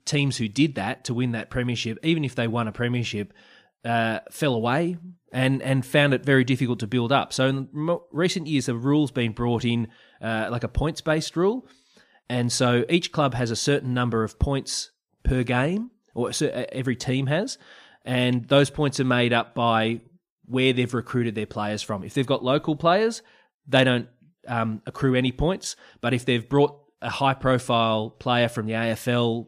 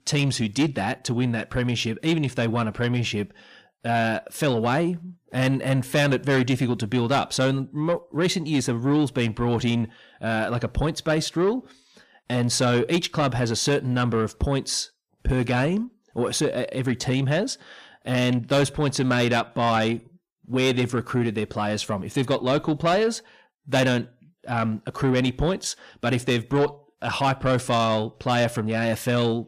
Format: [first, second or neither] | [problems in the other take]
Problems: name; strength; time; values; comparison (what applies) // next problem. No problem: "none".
first | distortion; slight; 10 dB below the speech